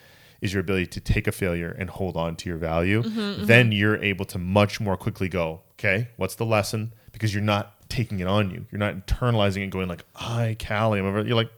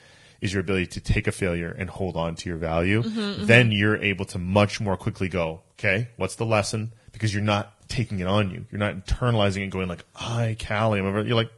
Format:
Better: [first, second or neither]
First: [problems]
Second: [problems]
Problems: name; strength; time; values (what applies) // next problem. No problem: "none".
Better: first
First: none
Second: garbled, watery; badly; nothing above 10.5 kHz